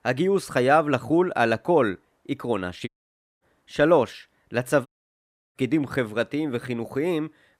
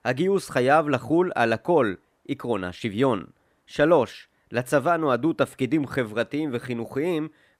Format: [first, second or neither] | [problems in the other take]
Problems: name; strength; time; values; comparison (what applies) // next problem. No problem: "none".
second | audio cutting out; at 3 s for 0.5 s and at 5 s for 0.5 s